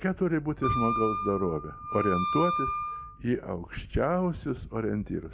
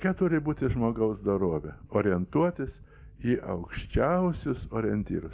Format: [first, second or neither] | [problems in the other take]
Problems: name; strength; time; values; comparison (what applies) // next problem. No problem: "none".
second | background sound (Wind instrument, woodwind instrument); 2 dB below the speech